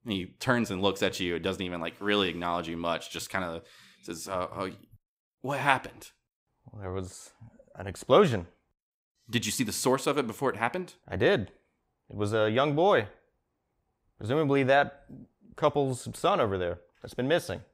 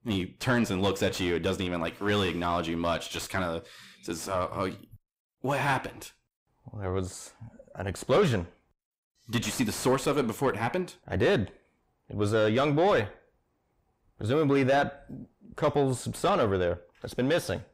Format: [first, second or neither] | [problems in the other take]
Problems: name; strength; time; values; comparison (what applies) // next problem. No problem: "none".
first | distortion; heavy; 7 dB below the speech